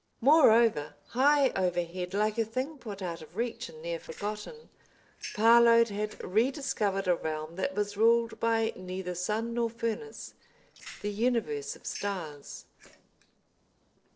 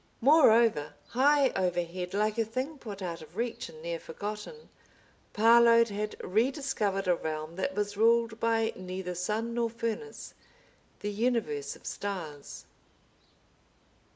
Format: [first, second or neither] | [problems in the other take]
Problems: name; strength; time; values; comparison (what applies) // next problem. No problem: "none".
second | noise reduction (neural separator model SepFormer DNS4)